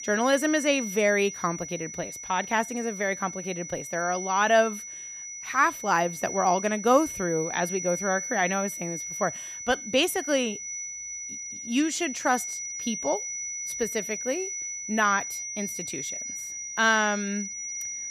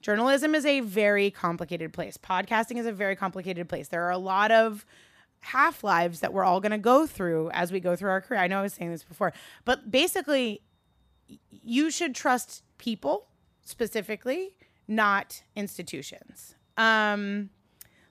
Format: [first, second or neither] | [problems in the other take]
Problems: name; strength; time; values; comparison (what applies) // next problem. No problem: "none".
second | high-pitched whine; loud; throughout; 6 kHz, 7 dB below the speech